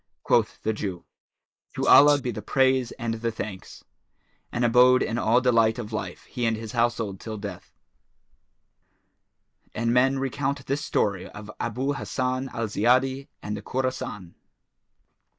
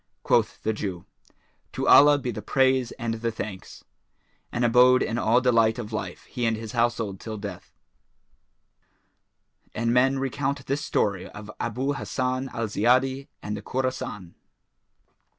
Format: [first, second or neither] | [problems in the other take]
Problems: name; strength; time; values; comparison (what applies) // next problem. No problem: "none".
second | noise reduction (neural mask model Resemble Enhance denoiser)